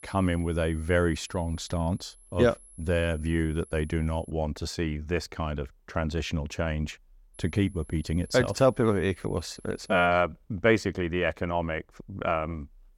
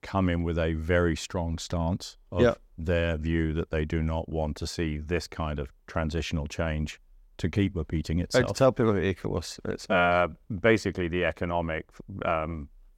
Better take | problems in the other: second | high-pitched whine; faint; until 4.5 s and from 7.5 to 10 s; 11 kHz, 25 dB below the speech

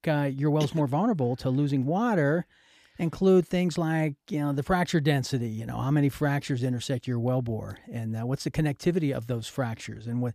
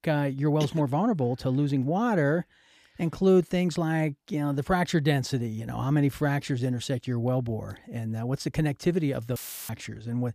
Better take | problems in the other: first | audio cutting out; filled with static; at 9.5 s

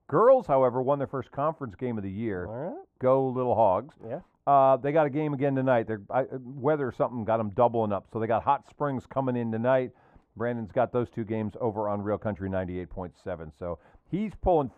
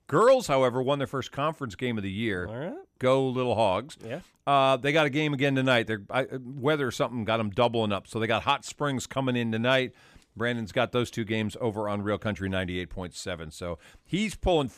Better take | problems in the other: second | muffled; very; fading above 2 kHz

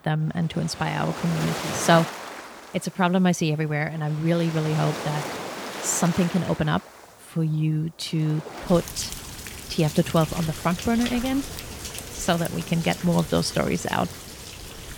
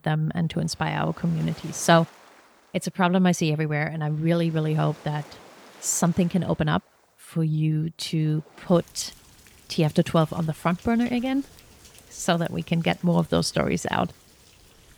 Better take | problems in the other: second | rain or running water; loud; throughout; 9 dB below the speech; faint in the second

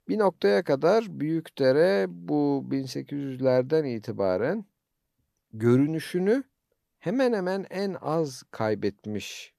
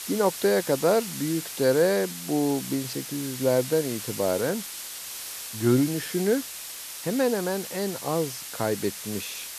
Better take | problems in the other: first | hiss; loud; throughout; 8 dB below the speech

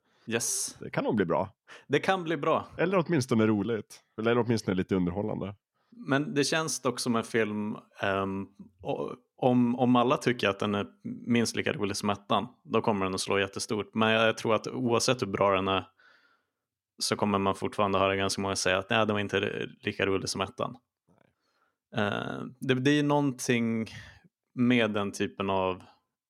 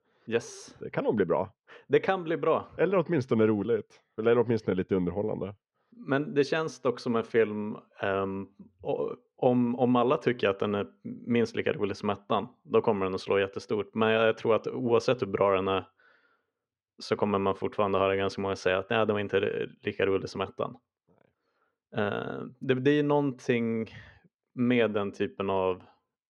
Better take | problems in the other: first | muffled; slightly; fading above 3 kHz

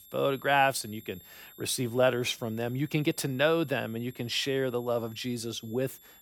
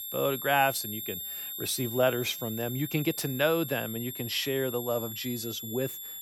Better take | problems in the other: first | high-pitched whine; loud; throughout; 11.5 kHz, 6 dB below the speech; faint in the first

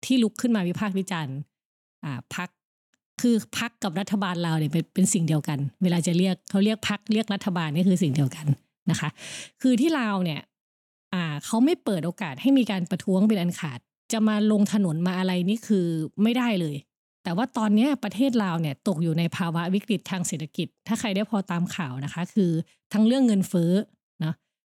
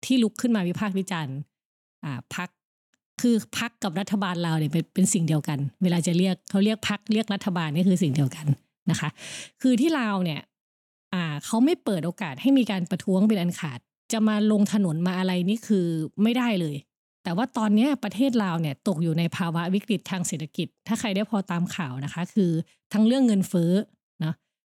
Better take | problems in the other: neither | none

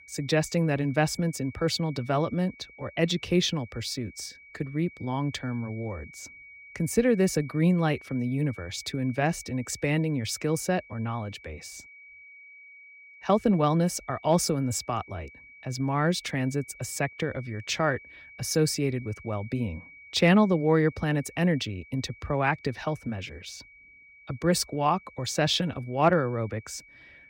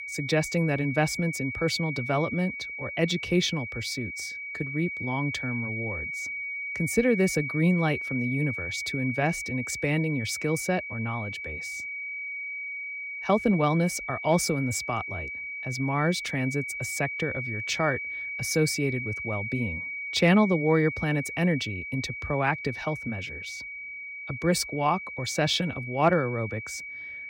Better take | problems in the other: first | high-pitched whine; loud; throughout; 2.5 kHz, 6 dB below the speech; faint in the first

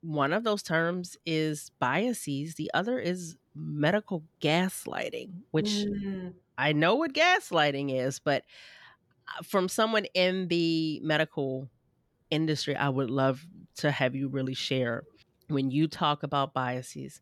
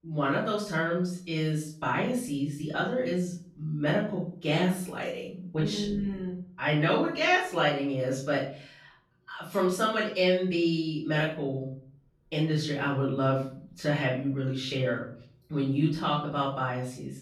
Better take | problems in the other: first | off-mic speech; far // room echo; noticeable; dies away in 0.4 s

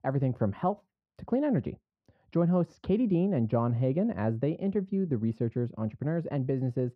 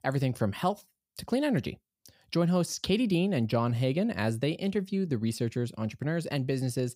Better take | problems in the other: second | muffled; very; fading above 3 kHz

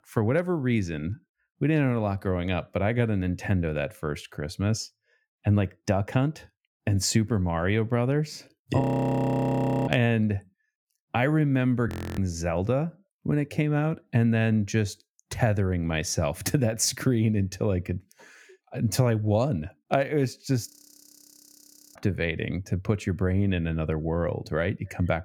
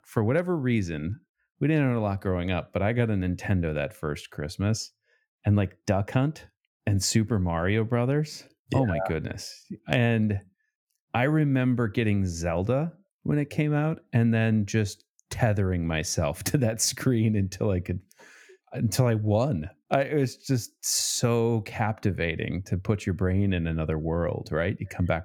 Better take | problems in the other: second | audio freezing; at 9 s for 1 s, at 12 s and at 21 s for 1.5 s

